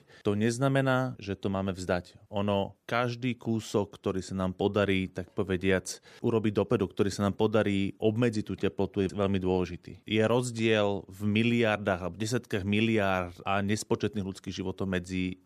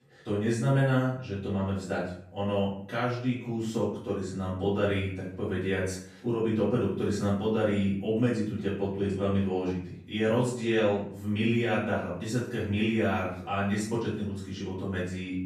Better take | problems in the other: first | off-mic speech; far // room echo; noticeable; dies away in 0.5 s

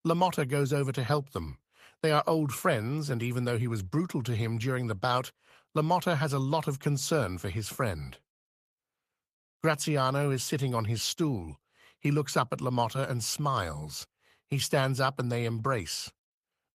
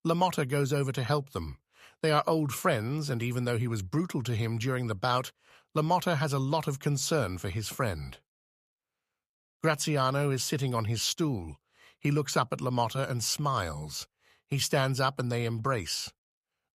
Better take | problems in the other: second | garbled, watery; slightly; nothing above 14.5 kHz

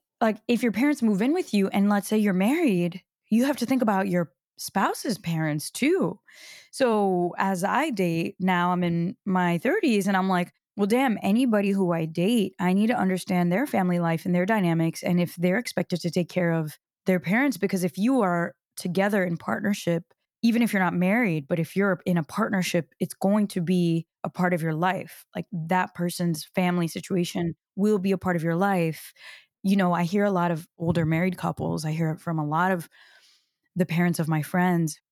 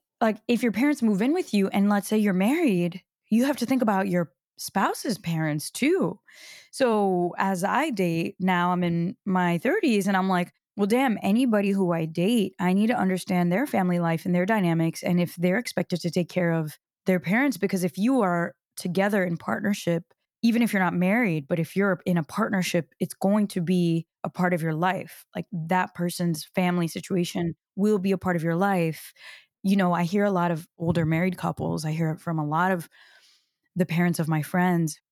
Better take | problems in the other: neither | none

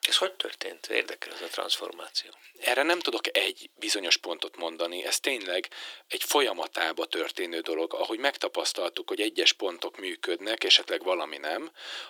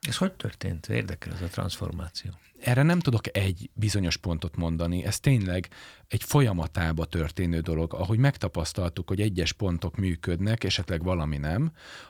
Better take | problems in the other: second | thin; very; fading below 350 Hz

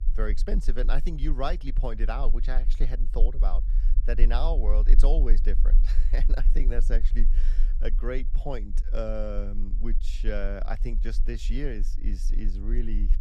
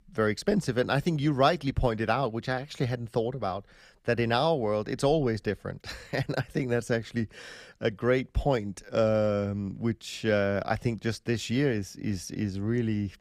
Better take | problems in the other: second | low rumble; noticeable; throughout; 15 dB below the speech

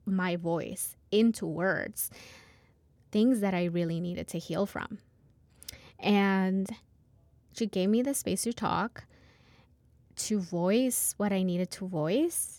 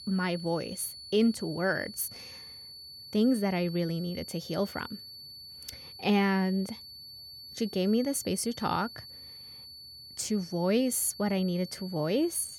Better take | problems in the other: first | high-pitched whine; noticeable; throughout; 4.5 kHz, 15 dB below the speech

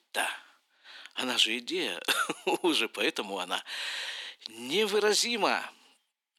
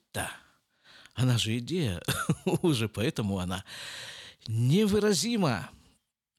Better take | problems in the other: second | thin; very; fading below 300 Hz

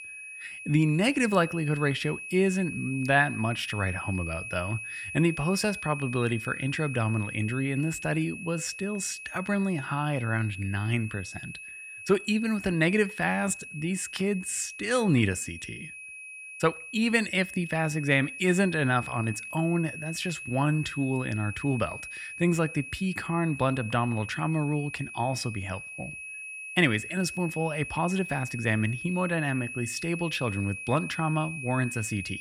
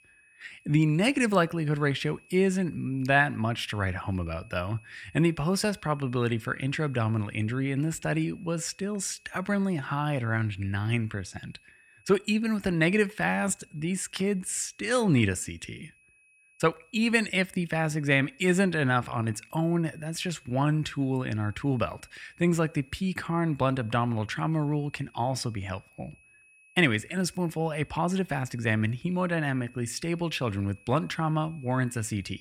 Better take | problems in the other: second | high-pitched whine; loud; throughout; 2.5 kHz, 9 dB below the speech; faint in the second

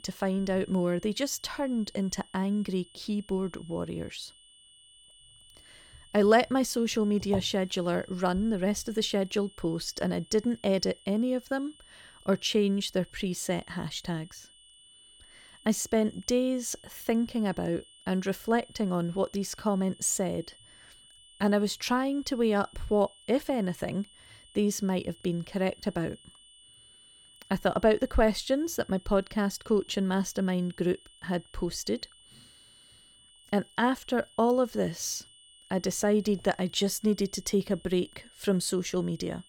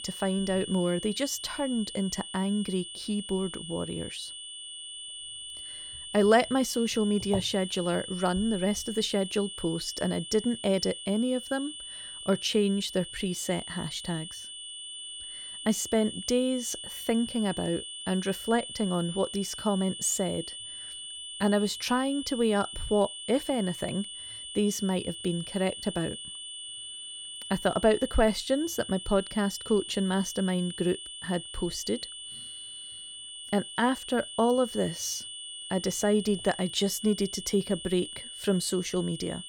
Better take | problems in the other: first | high-pitched whine; loud; throughout; 3 kHz, 9 dB below the speech; faint in the first

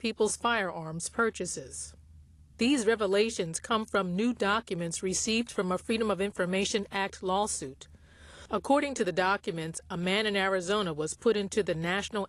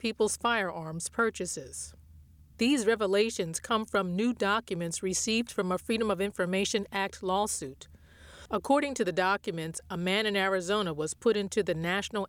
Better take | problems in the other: second | garbled, watery; slightly

